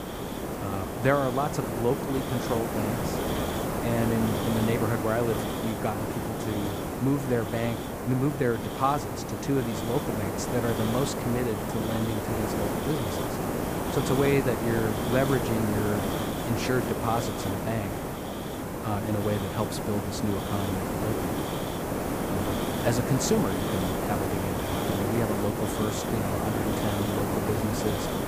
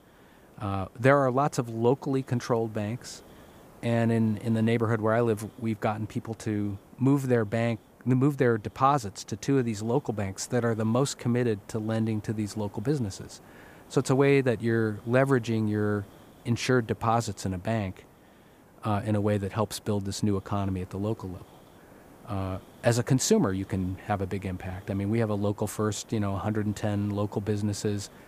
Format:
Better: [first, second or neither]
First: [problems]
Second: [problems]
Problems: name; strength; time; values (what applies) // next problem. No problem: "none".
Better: second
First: hiss; loud; throughout; as loud as the speech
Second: hiss; faint; throughout; 25 dB below the speech